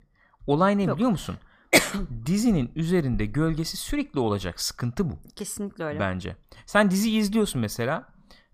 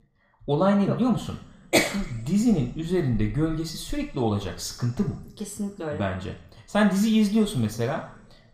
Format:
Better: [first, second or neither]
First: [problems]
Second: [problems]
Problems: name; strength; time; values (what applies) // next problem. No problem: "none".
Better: first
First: none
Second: room echo; slight; dies away in 0.7 s // off-mic speech; somewhat distant